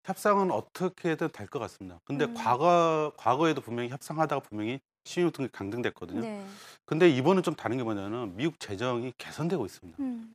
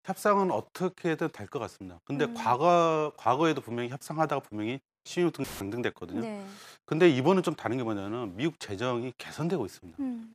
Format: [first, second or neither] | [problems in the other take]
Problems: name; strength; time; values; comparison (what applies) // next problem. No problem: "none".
first | audio cutting out; filled with static; at 5.5 s